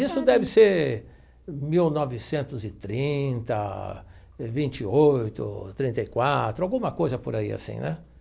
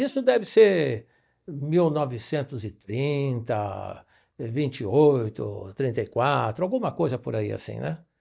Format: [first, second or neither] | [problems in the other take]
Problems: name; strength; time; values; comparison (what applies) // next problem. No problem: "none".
first | noise reduction (neural mask model DeepFilterNet 3)